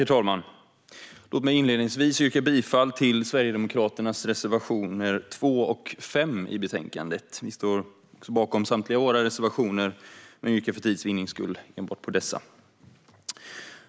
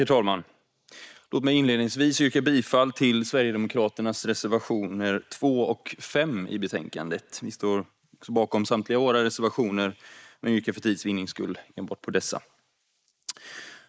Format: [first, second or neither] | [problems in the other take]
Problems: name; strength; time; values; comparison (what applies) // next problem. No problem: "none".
first | noise reduction (neural mask model Resemble Enhance denoiser)